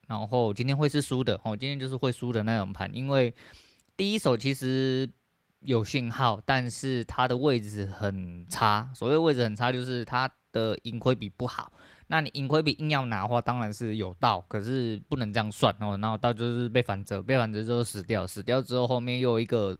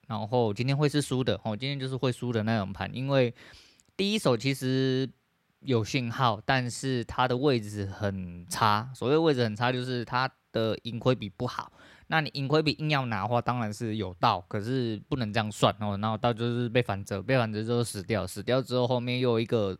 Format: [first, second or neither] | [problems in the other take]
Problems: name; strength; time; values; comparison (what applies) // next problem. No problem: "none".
second | garbled, watery; slightly; nothing above 16 kHz